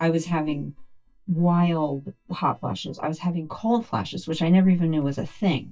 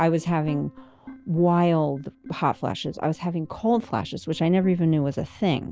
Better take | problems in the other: second | noise reduction (neural mask model DeepFilterNet 3)

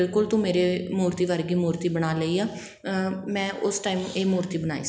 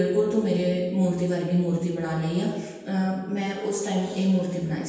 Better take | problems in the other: first | room echo; dies away in 1.2 s

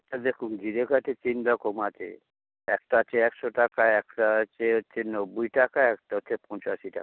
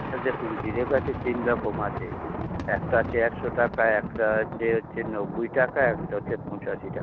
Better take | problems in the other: first | background sound (Thunder); 6 dB below the speech

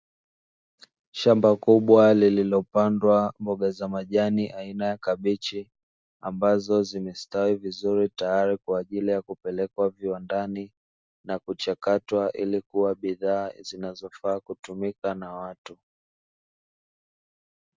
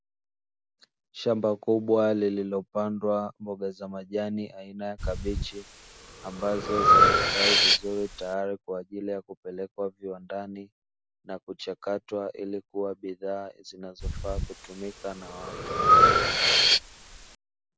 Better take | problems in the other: first | background sound (Breathing); 4 dB above the speech

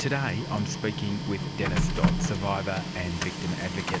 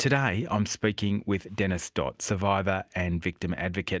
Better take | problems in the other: second | background sound (Printer); 2 dB above the speech

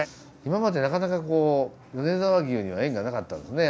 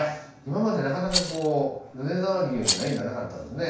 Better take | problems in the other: first | background sound (Rattle); 5 dB below the speech // room echo; dies away in 0.5 s

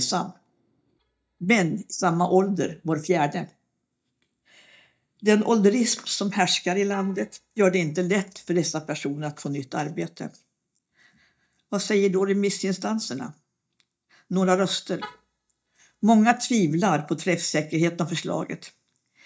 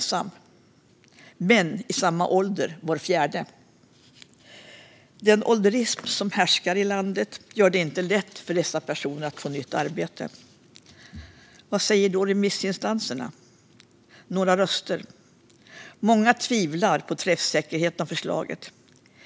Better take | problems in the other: second | noise reduction (neural mask model DeepFilterNet 3)

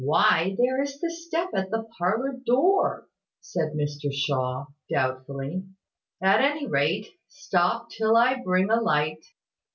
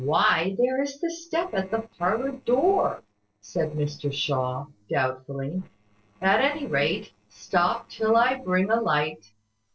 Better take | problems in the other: first | noise reduction (neural separator model SepFormer DNS4)

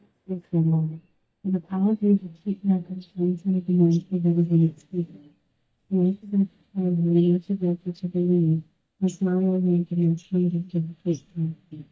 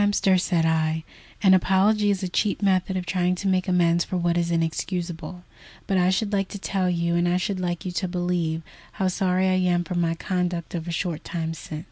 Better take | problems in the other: second | noise reduction (neural mask model DeepFilterNet 3)

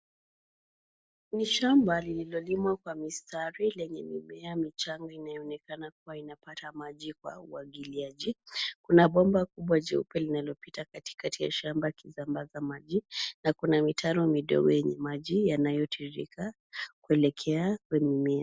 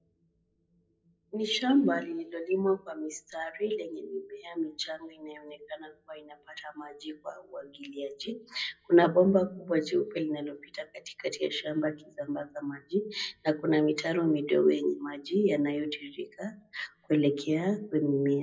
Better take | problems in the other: first | noise reduction (classical method WPE with log-MMSE)

